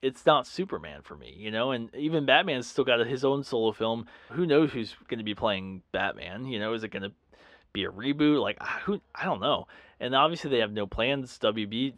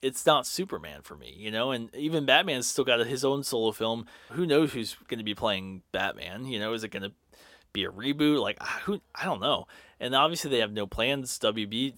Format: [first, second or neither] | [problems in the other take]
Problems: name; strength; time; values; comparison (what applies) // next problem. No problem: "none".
second | muffled; slightly; fading above 3 kHz